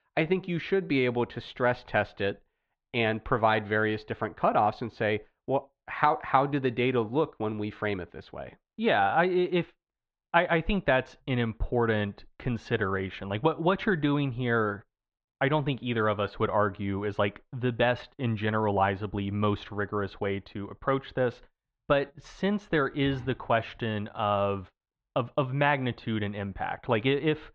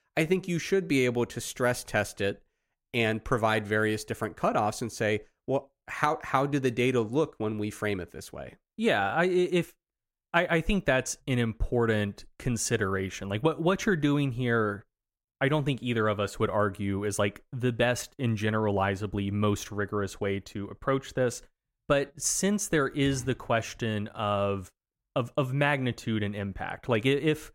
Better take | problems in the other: second | muffled; very; fading above 4 kHz

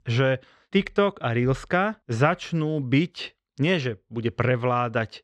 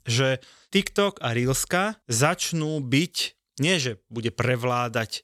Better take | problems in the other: second | muffled; very; fading above 2 kHz

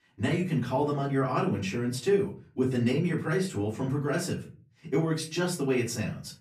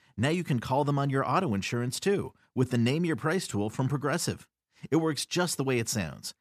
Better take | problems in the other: second | off-mic speech; far // room echo; very slight; dies away in 0.3 s

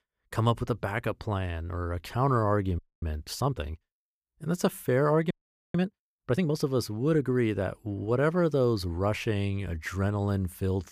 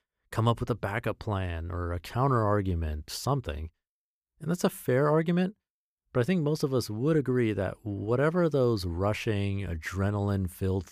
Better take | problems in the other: second | audio freezing; at 3 s and at 5.5 s

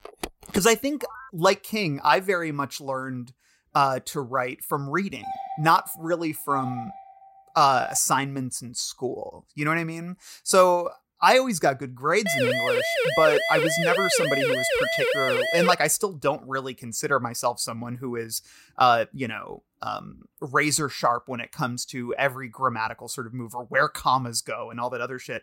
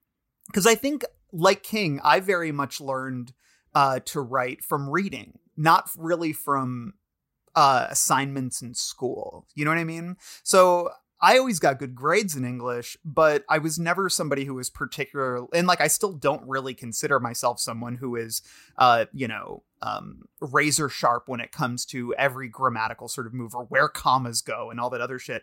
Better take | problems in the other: second | phone ringing; noticeable; until 1.5 s; peak 9 dB below the speech // doorbell; noticeable; from 5 to 8 s; peak 9 dB below the speech // siren; loud; from 12 to 16 s; peak 2 dB above the speech

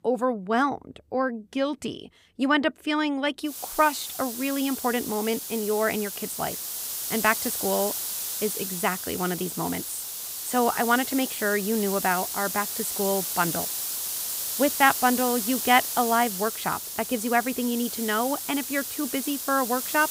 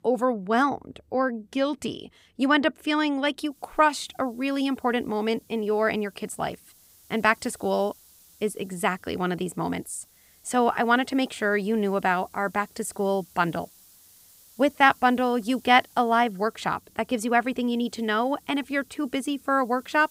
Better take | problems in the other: second | hiss; loud; from 3.5 s on; 3 dB below the speech; faint in the second

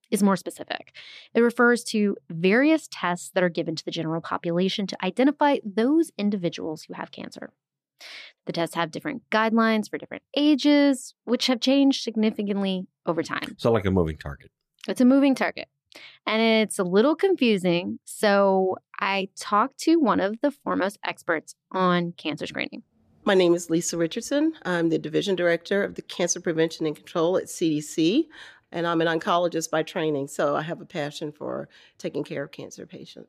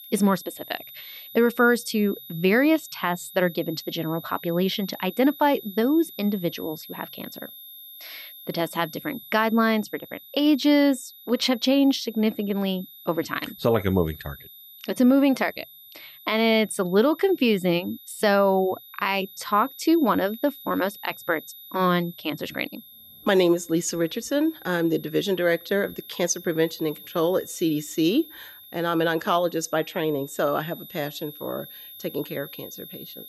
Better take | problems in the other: first | high-pitched whine; noticeable; throughout; 12 kHz, 20 dB below the speech

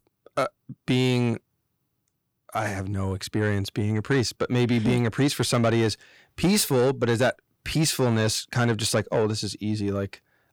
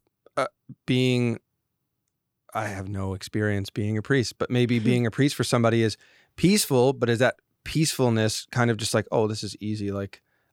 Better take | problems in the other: second | distortion; slight; 10 dB below the speech

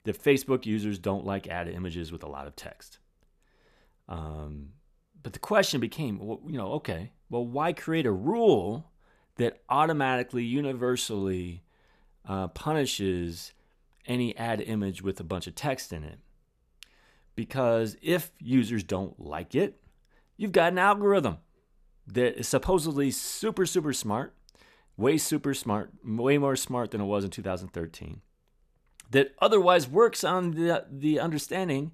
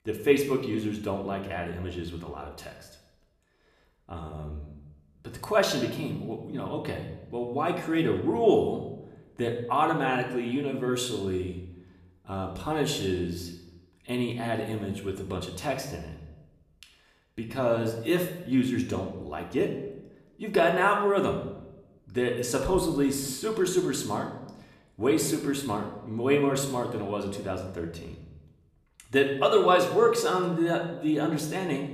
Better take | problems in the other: first | room echo; slight; dies away in 0.7 s // off-mic speech; somewhat distant

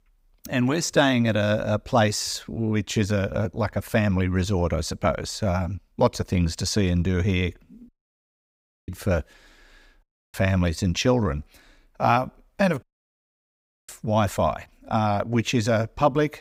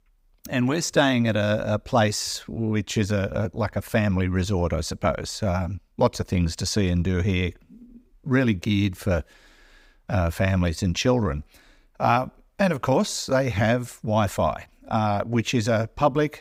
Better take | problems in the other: second | audio cutting out; at 8 s for 1 s, at 10 s and at 13 s for 1 s

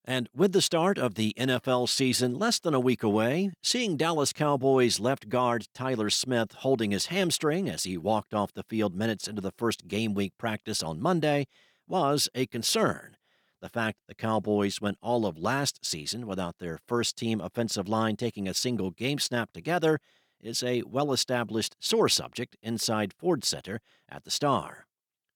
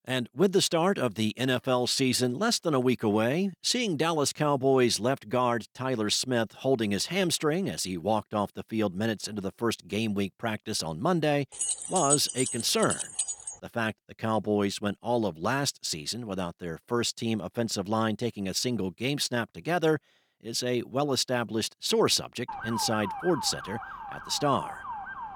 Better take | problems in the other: first | jangling keys; loud; from 12 to 14 s; peak 2 dB above the speech // siren; noticeable; from 22 s on; peak 7 dB below the speech

